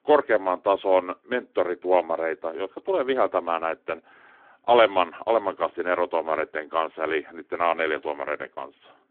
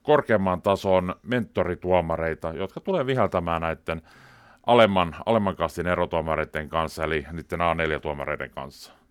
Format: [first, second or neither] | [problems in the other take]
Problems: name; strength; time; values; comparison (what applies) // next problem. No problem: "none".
second | phone-call audio